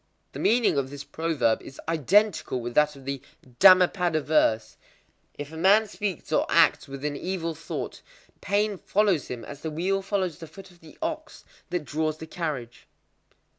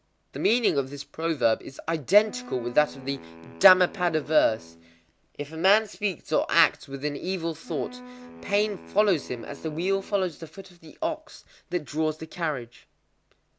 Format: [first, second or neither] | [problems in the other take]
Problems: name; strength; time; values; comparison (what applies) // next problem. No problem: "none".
first | background sound (Wind instrument, woodwind instrument); 18 dB below the speech